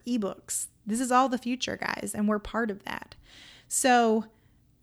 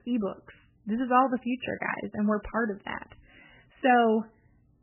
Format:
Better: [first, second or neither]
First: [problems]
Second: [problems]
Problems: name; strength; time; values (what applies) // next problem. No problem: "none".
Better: first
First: none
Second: garbled, watery; badly; nothing above 3 kHz